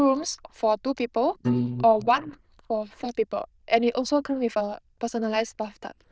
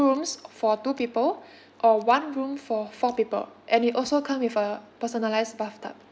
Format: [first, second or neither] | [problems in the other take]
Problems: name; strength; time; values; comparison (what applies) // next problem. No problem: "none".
second | noise reduction (neural diffusion model UNIVERSE++)